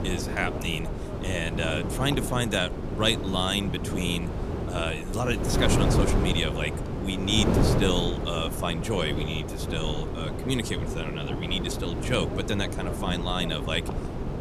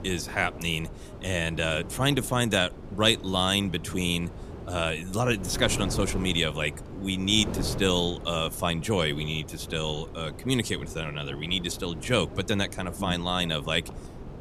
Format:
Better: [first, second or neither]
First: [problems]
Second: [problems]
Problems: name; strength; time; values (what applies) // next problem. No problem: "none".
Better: second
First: wind noise on the microphone; heavy; 5 dB below the speech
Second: wind noise on the microphone; occasional gusts; 15 dB below the speech